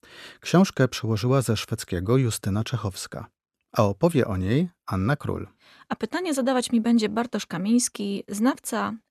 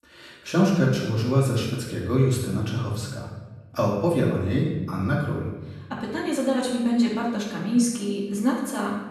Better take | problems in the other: first | off-mic speech; far // room echo; noticeable; dies away in 1 s

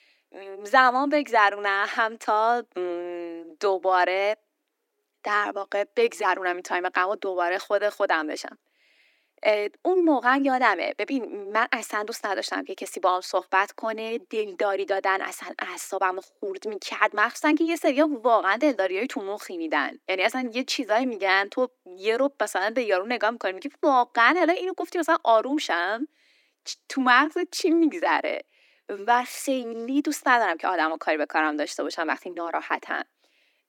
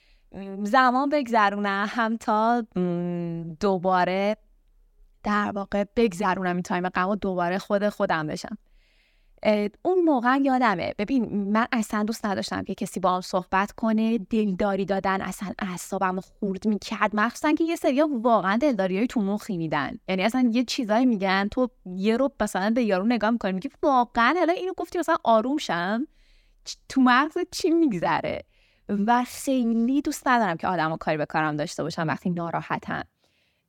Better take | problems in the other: second | thin; somewhat; fading below 300 Hz

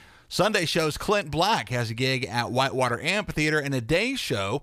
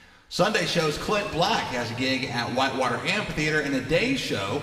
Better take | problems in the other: first | room echo; noticeable; dies away in 2.3 s // off-mic speech; somewhat distant

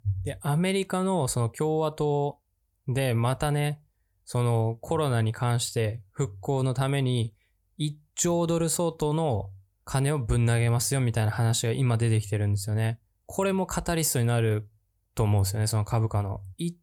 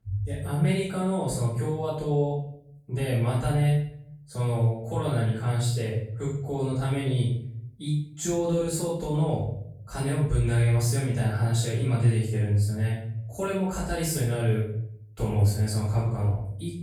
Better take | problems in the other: first | room echo; noticeable; dies away in 0.6 s // off-mic speech; far

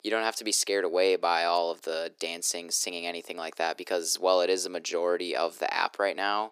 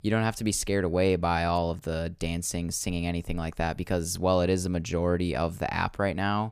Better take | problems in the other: second | thin; very; fading below 350 Hz

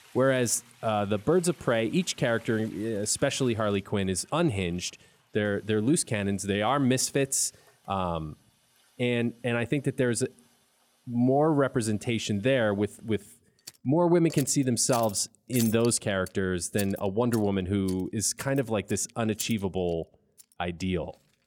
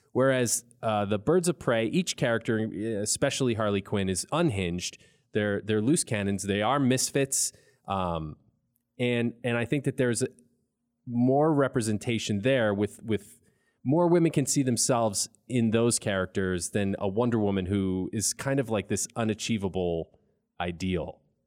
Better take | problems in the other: second | household noises; noticeable; throughout; 15 dB below the speech

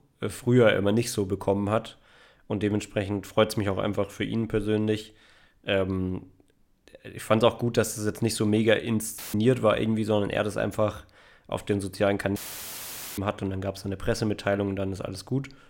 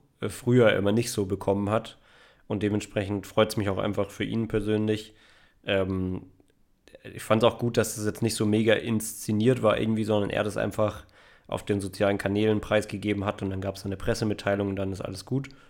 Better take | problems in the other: second | audio cutting out; filled with static; at 9 s and at 12 s for 1 s

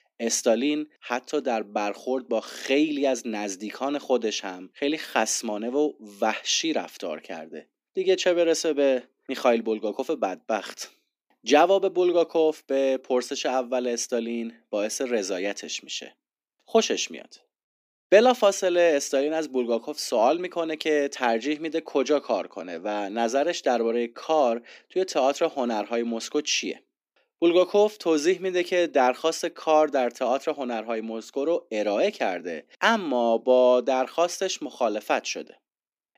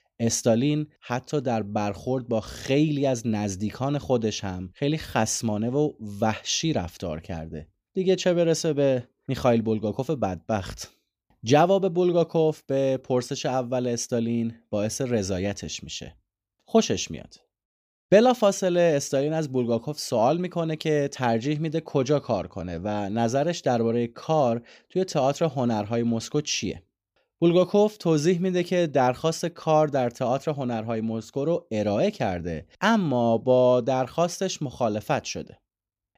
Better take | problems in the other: second | thin; very slightly; fading below 250 Hz

